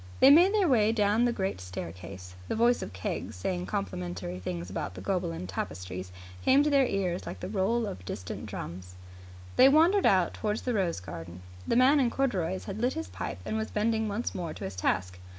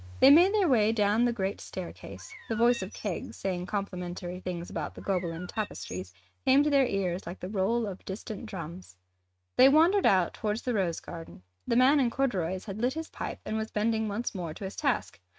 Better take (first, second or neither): first